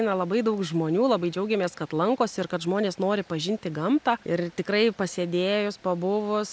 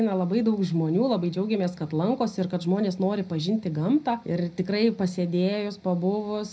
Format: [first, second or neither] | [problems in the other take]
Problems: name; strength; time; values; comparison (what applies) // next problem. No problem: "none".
first | room echo; dies away in 0.4 s